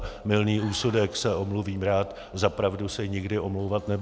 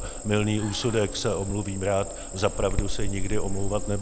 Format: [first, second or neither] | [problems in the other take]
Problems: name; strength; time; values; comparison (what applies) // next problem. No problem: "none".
first | background sound (Cricket); 2 dB below the speech